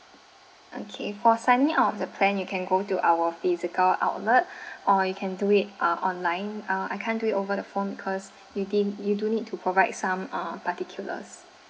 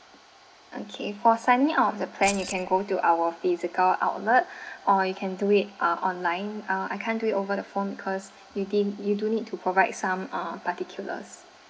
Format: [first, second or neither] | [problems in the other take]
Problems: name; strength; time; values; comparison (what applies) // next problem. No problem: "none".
first | background sound (Keys jangling); 10 dB below the speech